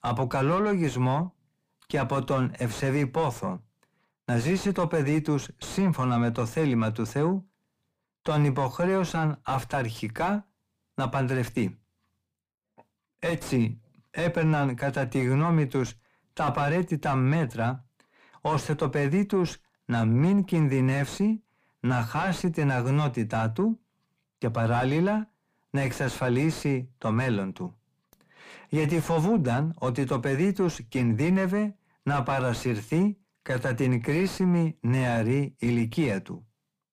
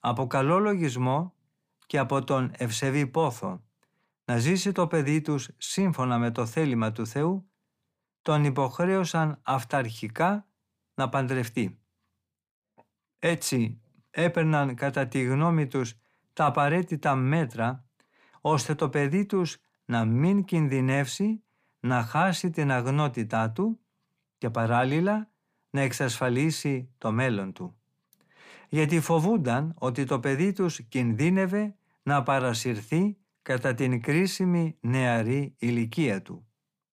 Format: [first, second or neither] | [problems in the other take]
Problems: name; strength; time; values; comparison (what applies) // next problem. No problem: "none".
second | distortion; slight; 8 dB below the speech